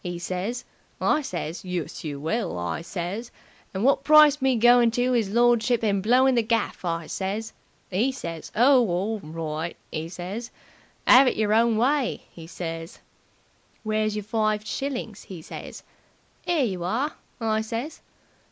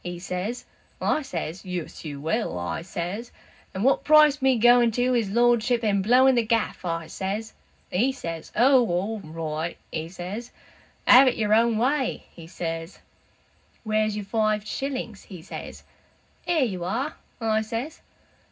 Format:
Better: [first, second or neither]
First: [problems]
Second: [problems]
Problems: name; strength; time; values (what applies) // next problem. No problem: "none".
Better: first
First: none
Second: room echo; dies away in 0.4 s